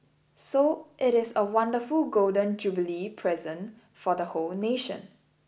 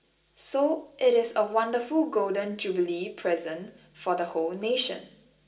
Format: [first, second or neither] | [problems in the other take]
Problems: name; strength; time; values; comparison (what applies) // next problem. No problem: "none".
first | room echo; dies away in 0.2 s